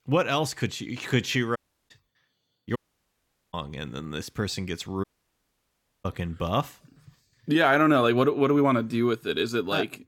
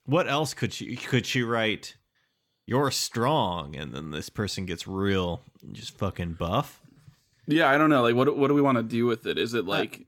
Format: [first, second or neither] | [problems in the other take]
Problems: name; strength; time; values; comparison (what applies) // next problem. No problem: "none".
second | audio cutting out; at 1.5 s, at 3 s for 1 s and at 5 s for 1 s